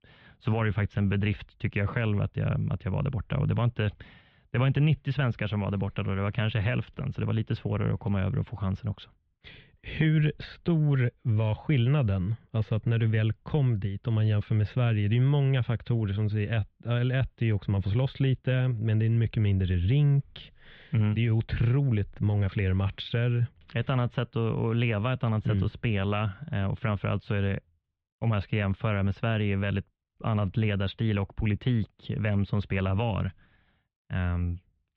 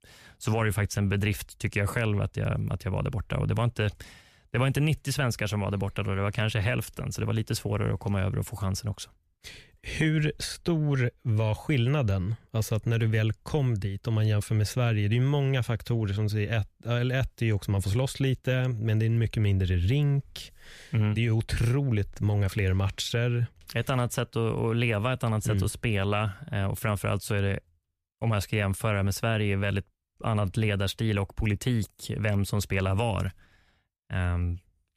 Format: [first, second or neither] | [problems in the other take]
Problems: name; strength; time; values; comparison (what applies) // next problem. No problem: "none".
second | muffled; very; fading above 3.5 kHz